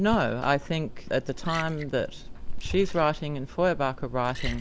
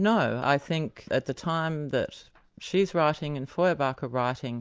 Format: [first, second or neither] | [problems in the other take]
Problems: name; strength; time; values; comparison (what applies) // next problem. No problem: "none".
second | background sound (Liquid); 6 dB below the speech